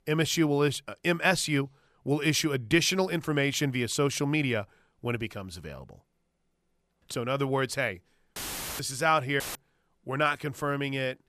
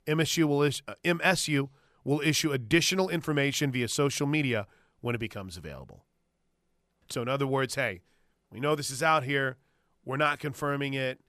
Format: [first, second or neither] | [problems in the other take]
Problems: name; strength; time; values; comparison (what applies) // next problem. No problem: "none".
second | audio cutting out; filled with static; at 8.5 s and at 9.5 s